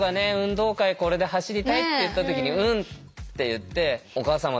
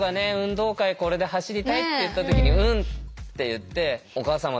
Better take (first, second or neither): first